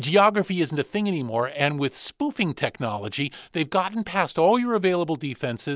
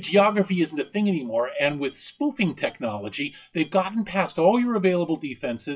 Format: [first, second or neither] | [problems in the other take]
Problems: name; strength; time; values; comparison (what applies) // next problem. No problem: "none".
first | noise reduction (classical method WPE with log-MMSE)